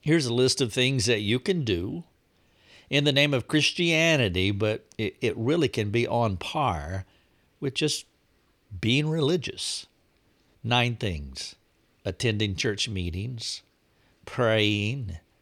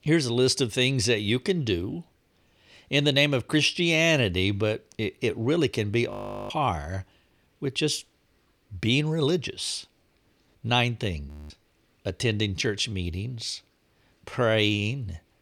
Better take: first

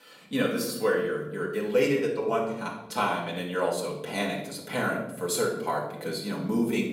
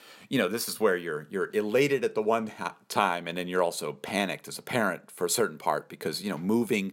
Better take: second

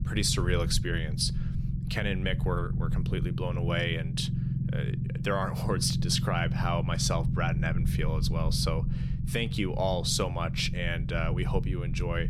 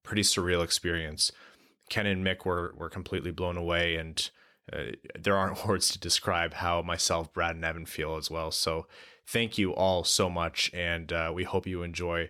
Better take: second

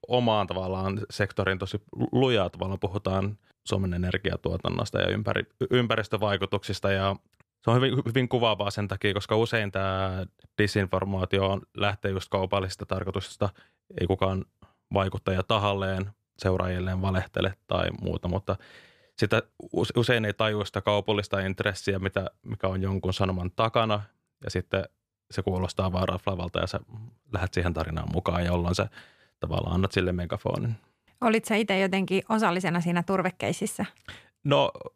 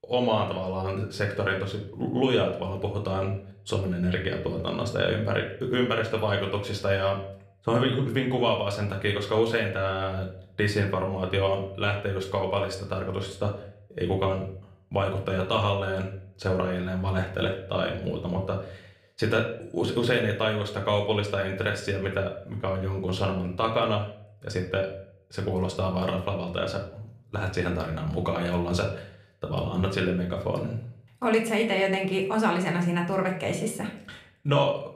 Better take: first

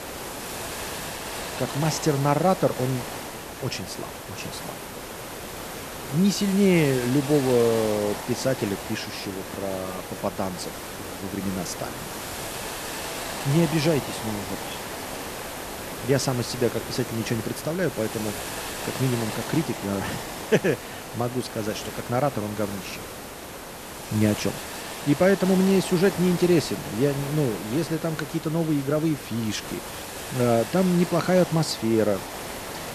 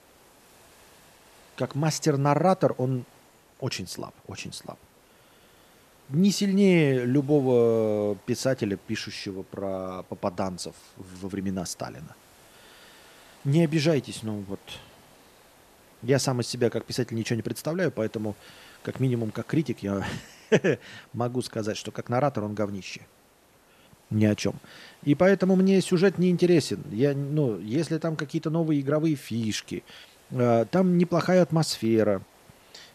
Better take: second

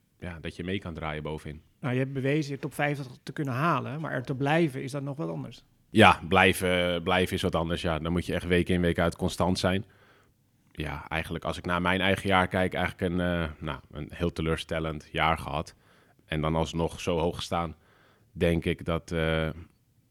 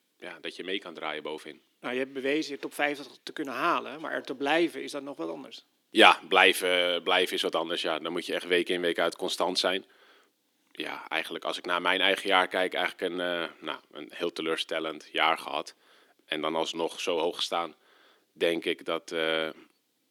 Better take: first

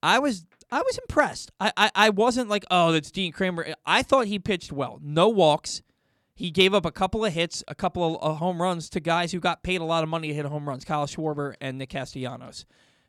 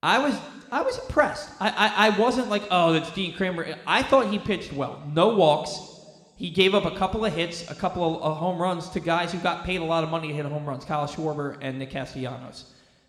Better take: first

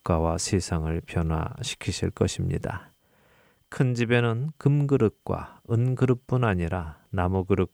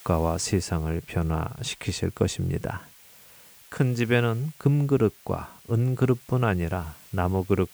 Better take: first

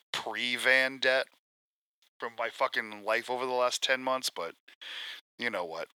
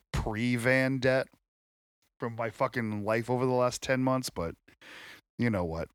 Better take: second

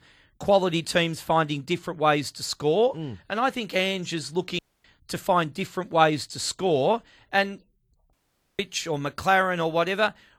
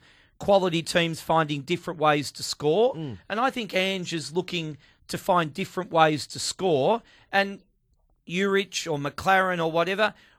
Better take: second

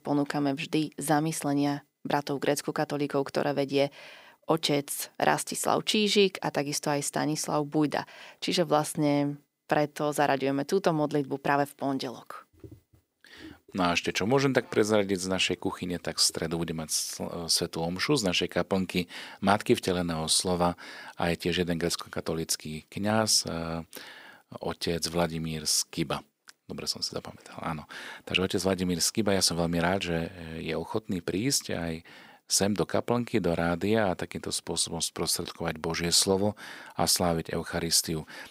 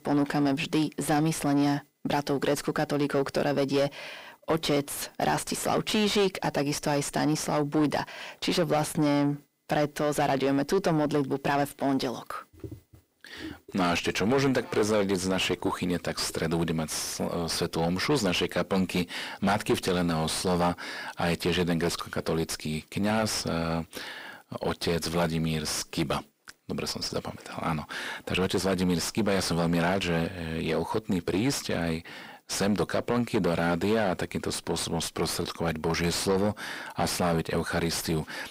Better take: first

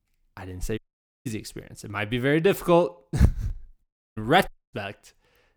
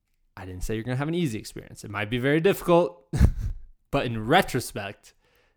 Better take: second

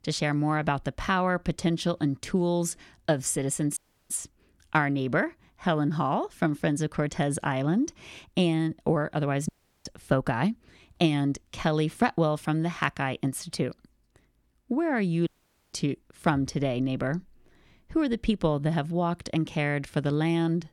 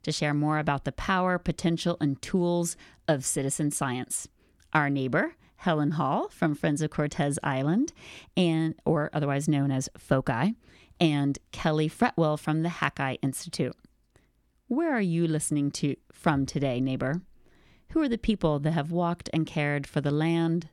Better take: second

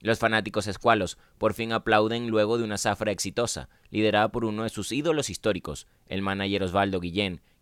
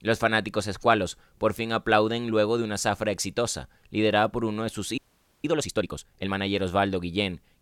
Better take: first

